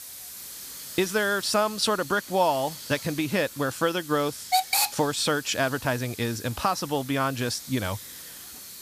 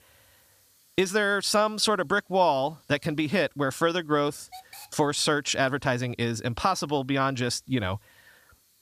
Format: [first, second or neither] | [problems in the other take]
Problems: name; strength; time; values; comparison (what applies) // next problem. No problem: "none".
second | hiss; loud; throughout; 7 dB below the speech; faint in the second